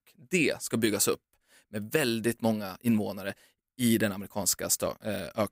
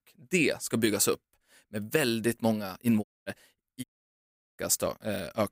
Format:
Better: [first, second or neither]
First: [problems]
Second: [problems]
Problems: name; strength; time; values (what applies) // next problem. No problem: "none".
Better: first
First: none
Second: audio cutting out; at 3 s and at 4 s for 0.5 s